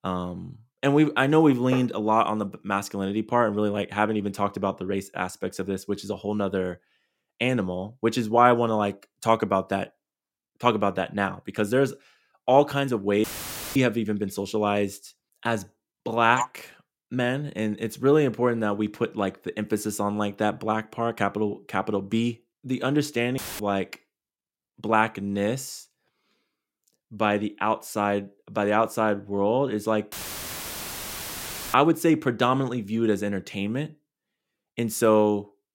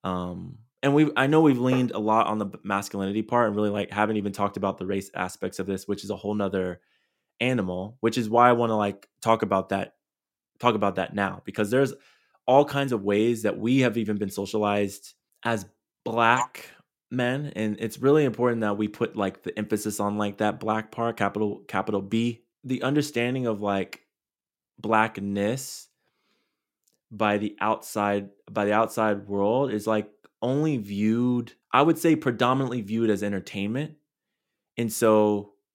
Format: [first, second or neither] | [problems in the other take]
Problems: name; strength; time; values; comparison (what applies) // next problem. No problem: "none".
second | audio cutting out; filled with static; at 13 s for 0.5 s, at 23 s and at 30 s for 1.5 s